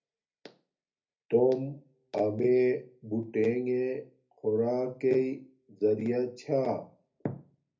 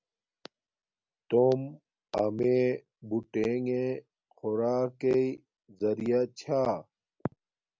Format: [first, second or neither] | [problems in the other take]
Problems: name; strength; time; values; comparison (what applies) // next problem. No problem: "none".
second | room echo; dies away in 0.3 s